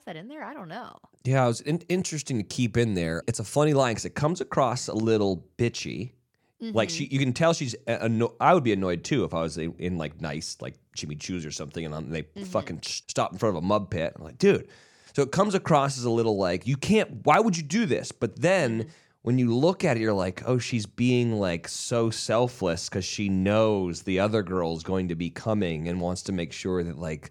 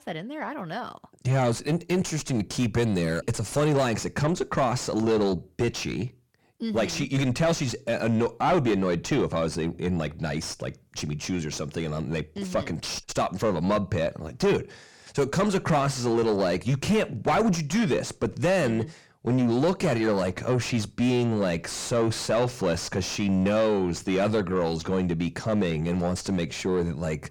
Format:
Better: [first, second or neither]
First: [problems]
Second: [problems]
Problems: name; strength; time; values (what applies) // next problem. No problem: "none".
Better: first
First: none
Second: distortion; heavy; 6 dB below the speech